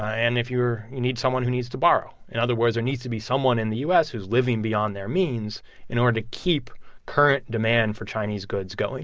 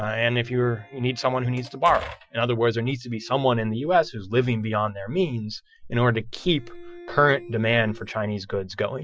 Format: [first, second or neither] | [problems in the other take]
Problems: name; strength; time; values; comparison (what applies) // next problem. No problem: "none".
first | noise reduction (classical method Wiener filter)